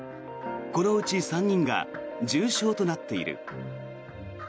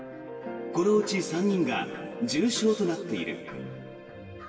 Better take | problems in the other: first | room echo; dies away in 2 s

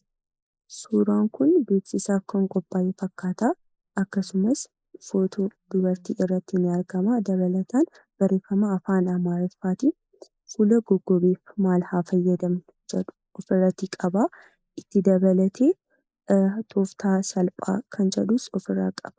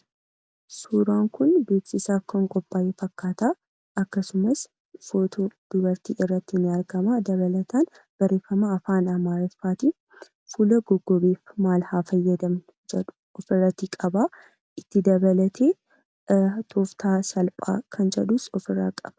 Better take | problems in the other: second | noise reduction (neural mask model Resemble Enhance denoiser)

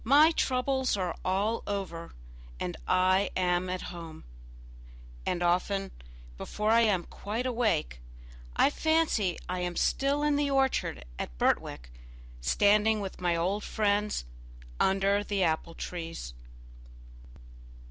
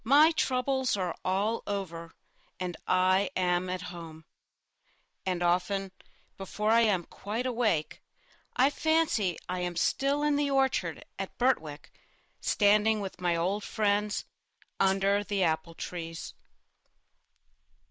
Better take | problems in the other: first | noise reduction (neural mask model Resemble Enhance denoiser)

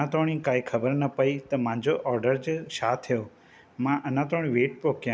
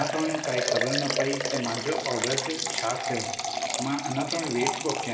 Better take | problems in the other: first | background sound (Liquid); as loud as the speech // room echo; dies away in 1.1 s

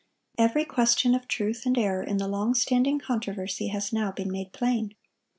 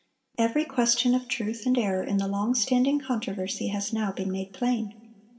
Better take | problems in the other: first | room echo; dies away in 1.2 s

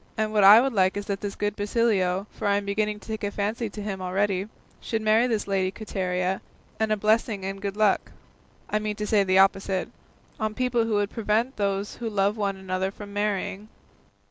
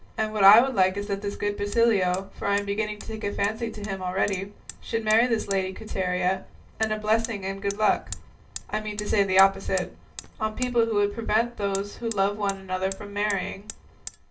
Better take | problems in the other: first | background sound (Hammer); 18 dB below the speech // room echo; dies away in 0.2 s

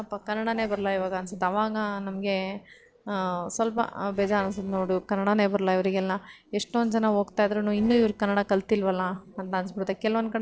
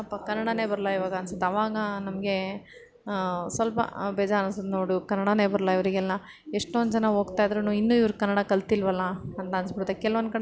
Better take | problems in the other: second | noise reduction (neural separator model SepFormer DNS4)

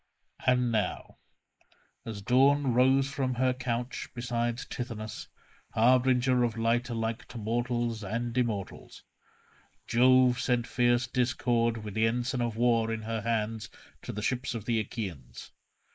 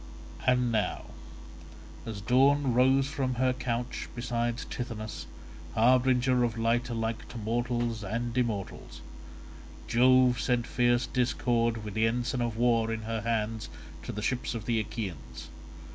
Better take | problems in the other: second | noise reduction (neural mask model Resemble Enhance denoiser)

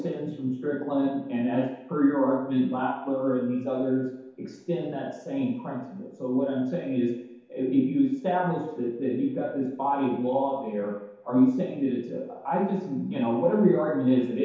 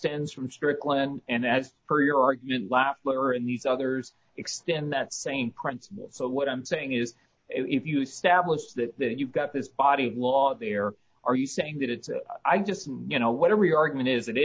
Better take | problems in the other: second | room echo; dies away in 0.8 s

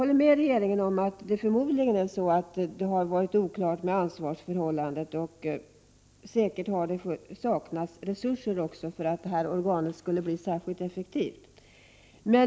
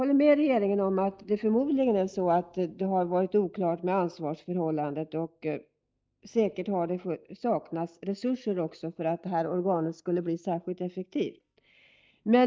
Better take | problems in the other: first | noise reduction (neural mask model DeepFilterNet 3)

